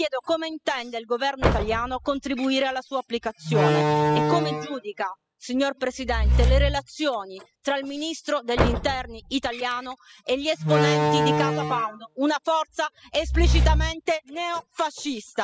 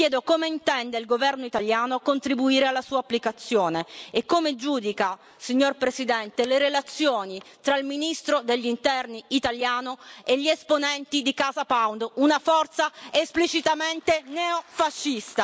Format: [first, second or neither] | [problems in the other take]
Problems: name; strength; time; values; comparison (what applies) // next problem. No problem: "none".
second | noise reduction (classical method spectral subtraction)